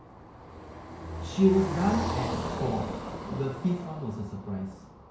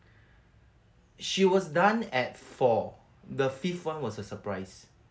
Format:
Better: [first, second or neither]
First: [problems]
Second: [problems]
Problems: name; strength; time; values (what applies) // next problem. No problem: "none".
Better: second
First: background sound (Car passing by); 6 dB below the speech // room echo; dies away in 0.6 s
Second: none